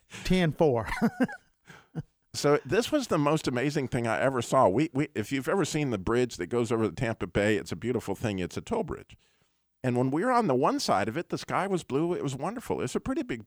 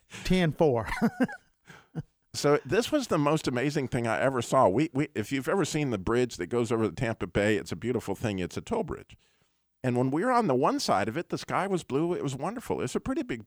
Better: neither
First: none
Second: none

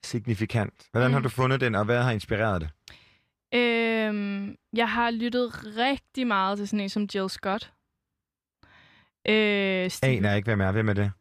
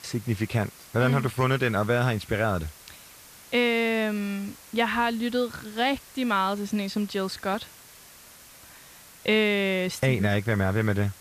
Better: first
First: none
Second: hiss; faint; throughout; 20 dB below the speech

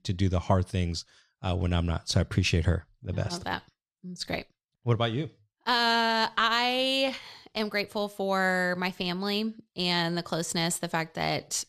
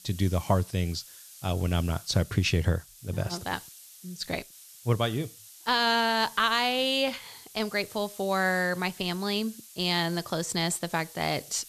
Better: first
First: none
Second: hiss; noticeable; throughout; 20 dB below the speech

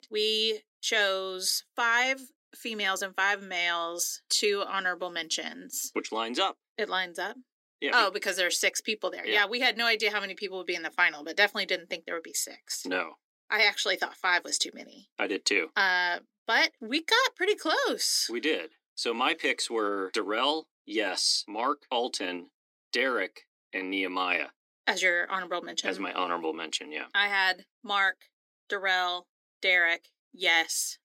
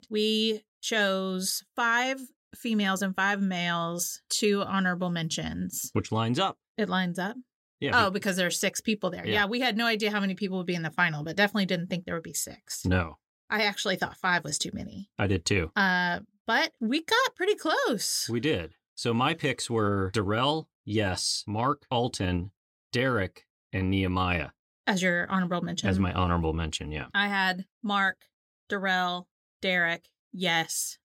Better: second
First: thin; somewhat; fading below 300 Hz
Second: none

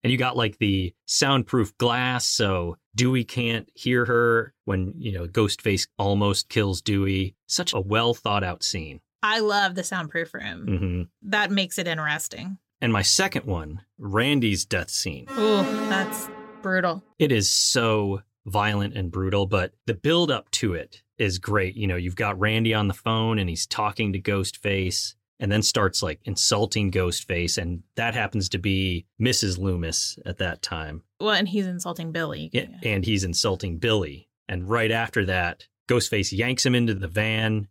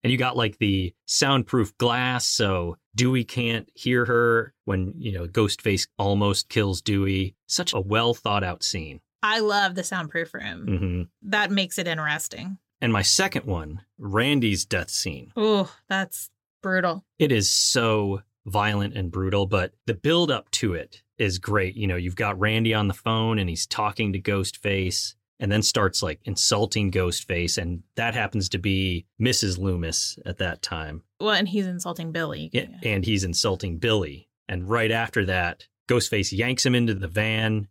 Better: second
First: alarm; noticeable; from 15 to 17 s; peak 3 dB below the speech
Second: none

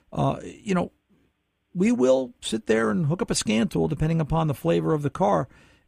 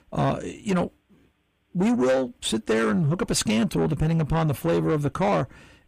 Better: first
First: none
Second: distortion; slight; 10 dB below the speech

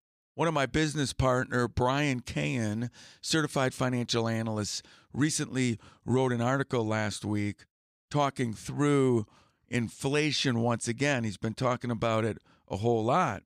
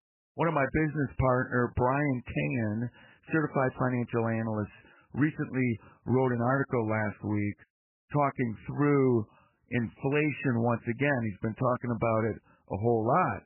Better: first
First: none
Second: garbled, watery; badly; nothing above 2.5 kHz

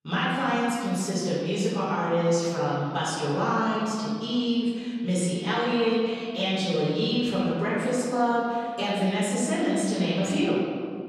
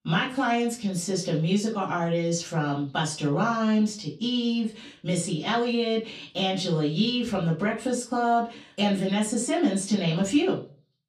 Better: second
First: room echo; strong; dies away in 1.9 s // off-mic speech; far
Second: room echo; slight; dies away in 0.4 s // off-mic speech; far

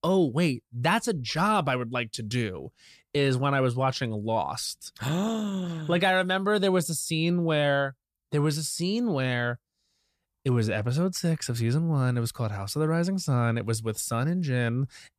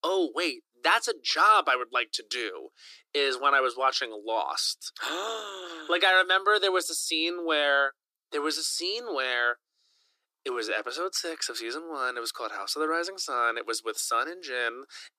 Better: first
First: none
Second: thin; very; fading below 300 Hz

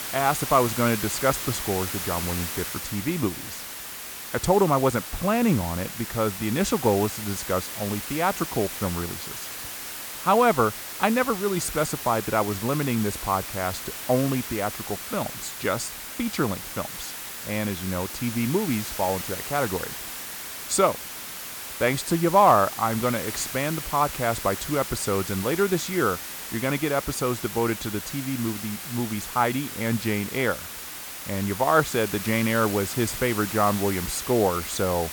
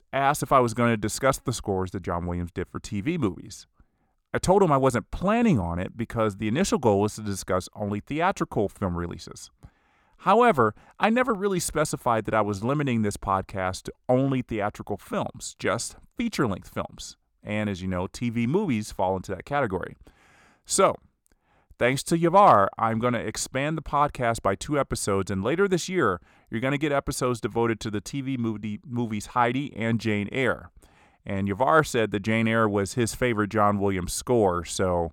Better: second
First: hiss; loud; throughout; 7 dB below the speech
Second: none

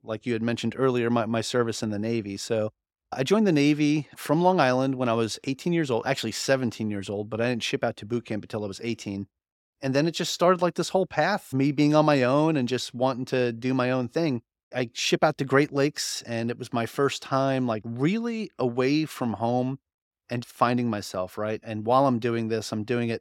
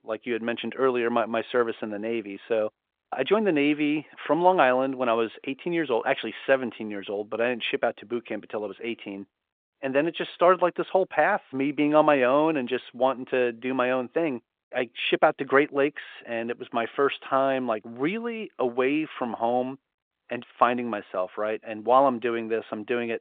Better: first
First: none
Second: phone-call audio; nothing above 3.5 kHz

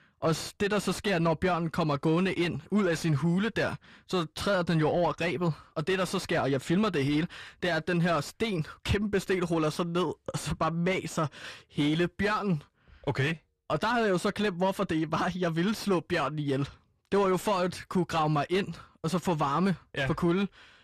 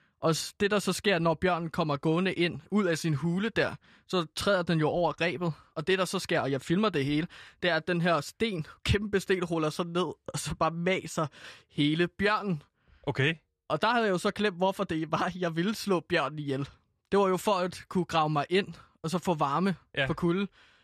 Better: second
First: distortion; slight; 10 dB below the speech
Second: none

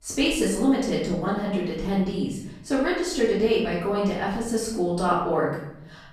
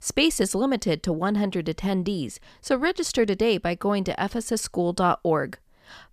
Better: second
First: off-mic speech; far // room echo; noticeable; dies away in 0.8 s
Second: none

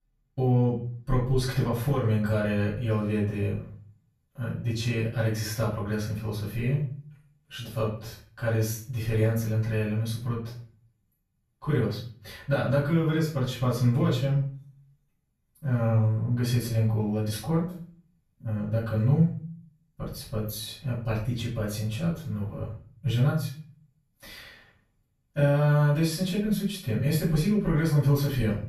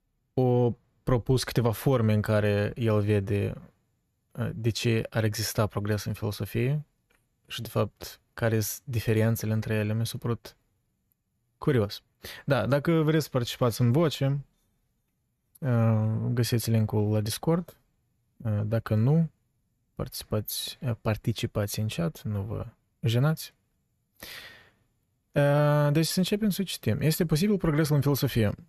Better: second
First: off-mic speech; far // room echo; noticeable; dies away in 0.4 s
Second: none

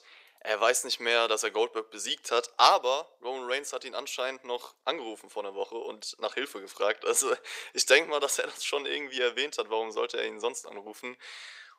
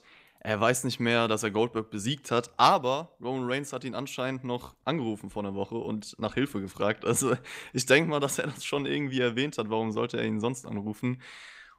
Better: second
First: thin; very; fading below 450 Hz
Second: none

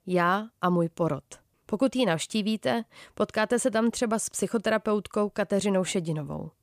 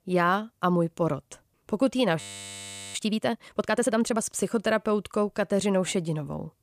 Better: first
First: none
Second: audio freezing; at 2 s for 0.5 s

